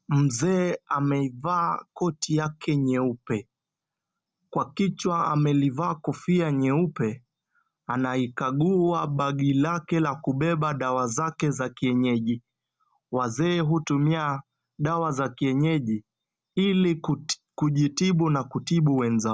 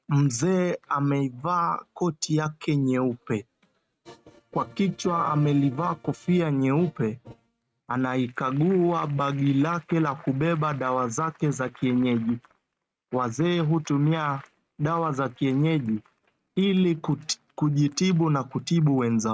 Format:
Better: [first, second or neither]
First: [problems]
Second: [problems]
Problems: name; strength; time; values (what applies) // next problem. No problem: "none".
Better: first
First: none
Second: noise reduction (neural mask model RNNoise)